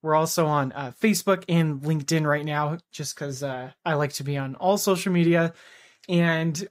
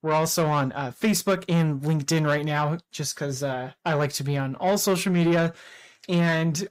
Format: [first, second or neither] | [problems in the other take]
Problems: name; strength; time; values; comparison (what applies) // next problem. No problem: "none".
first | distortion; slight; 10 dB below the speech